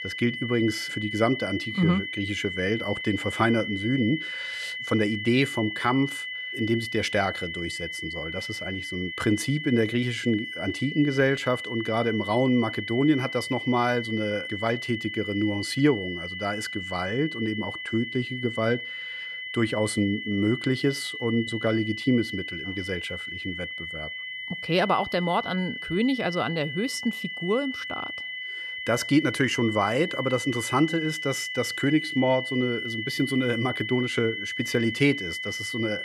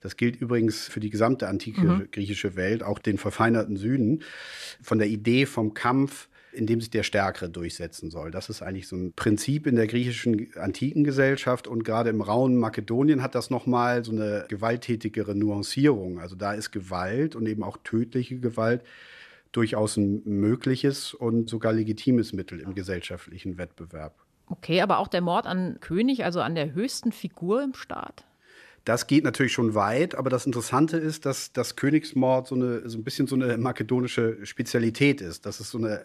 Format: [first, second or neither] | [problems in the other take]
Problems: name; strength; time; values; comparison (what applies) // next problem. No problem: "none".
second | high-pitched whine; loud; throughout; 2 kHz, 5 dB below the speech